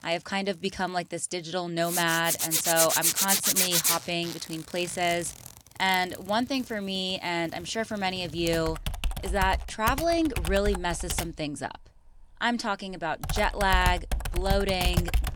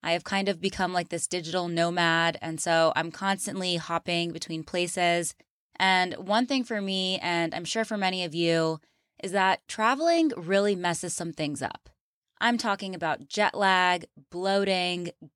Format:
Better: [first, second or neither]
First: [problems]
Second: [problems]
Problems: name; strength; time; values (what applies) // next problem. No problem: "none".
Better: second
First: household noises; very loud; throughout; as loud as the speech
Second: none